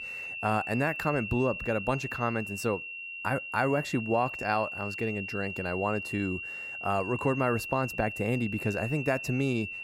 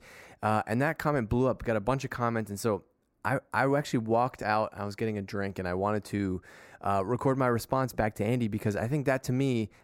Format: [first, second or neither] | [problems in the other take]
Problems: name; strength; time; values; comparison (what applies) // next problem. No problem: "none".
second | high-pitched whine; loud; throughout; 2.5 kHz, 6 dB below the speech